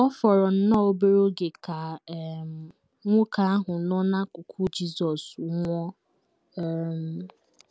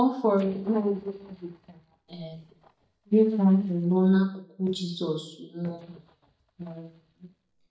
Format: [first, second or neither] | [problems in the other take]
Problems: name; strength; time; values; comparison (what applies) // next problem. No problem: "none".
first | noise reduction (neural mask model DeepFilterNet 3)